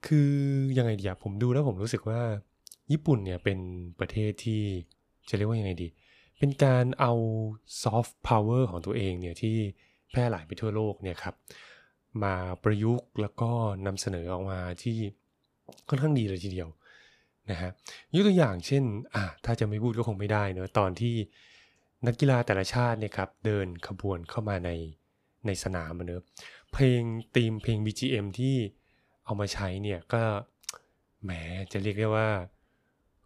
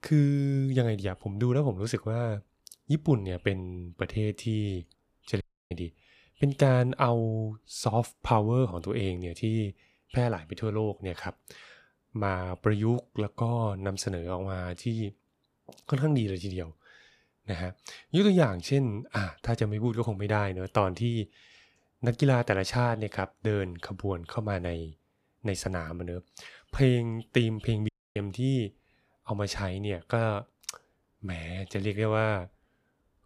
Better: first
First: none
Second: audio cutting out; at 5.5 s and at 28 s

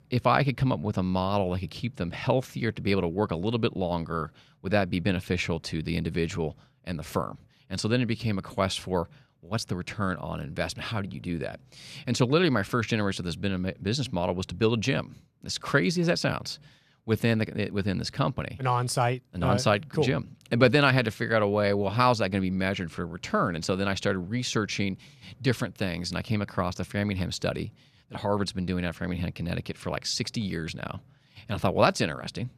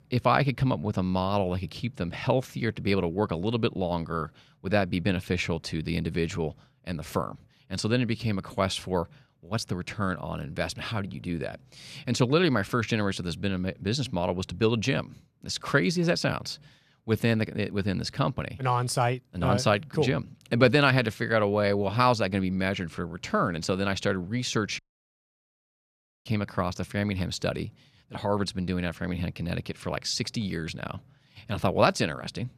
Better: first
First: none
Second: audio cutting out; at 25 s for 1.5 s

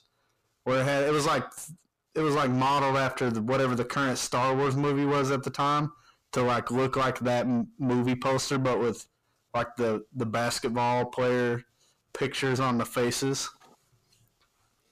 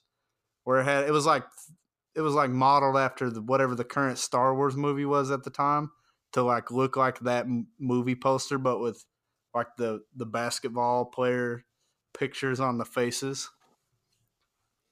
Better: second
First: distortion; heavy; 6 dB below the speech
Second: none

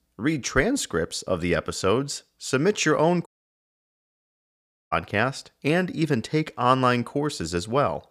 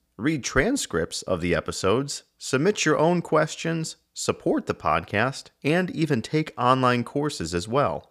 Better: second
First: audio cutting out; at 3.5 s for 1.5 s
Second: none

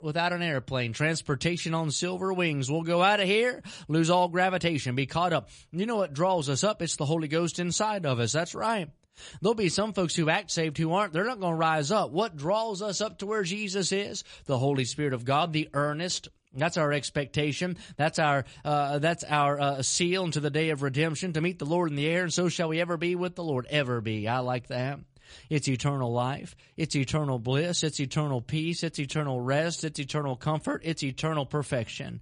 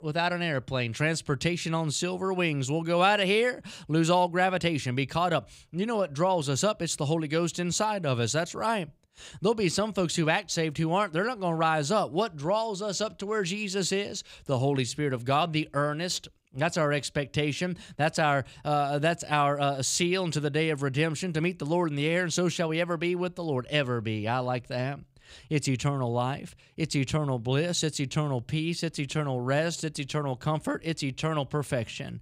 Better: second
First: garbled, watery; slightly; nothing above 9 kHz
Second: none

